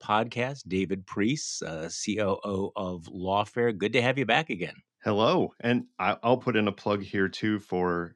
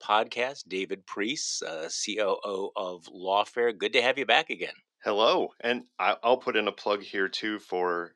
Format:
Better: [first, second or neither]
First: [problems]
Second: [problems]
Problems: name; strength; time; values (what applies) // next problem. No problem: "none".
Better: first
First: none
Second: thin; somewhat; fading below 450 Hz